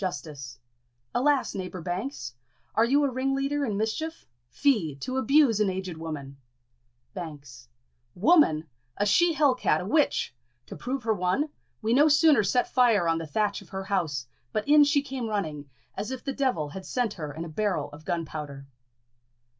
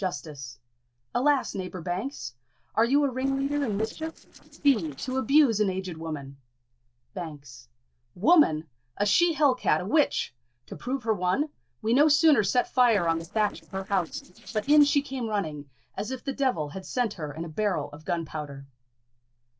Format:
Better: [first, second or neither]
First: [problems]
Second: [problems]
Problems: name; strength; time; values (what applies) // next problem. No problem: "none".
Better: first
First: none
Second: noise reduction (neural separator model SepFormer DNS4)